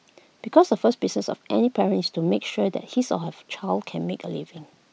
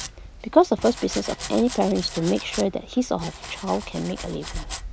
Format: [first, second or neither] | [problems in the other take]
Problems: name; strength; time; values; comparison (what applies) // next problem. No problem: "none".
first | background sound (Domestic sounds, home sounds); 12 dB below the speech